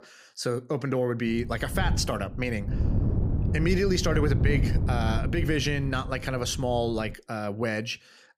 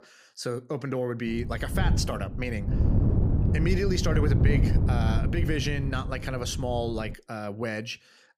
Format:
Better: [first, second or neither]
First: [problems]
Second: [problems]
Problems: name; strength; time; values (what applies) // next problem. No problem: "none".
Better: first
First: wind noise on the microphone; occasional gusts; from 1.5 to 7 s; 10 dB below the speech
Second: wind noise on the microphone; heavy; from 1.5 to 7 s; 6 dB below the speech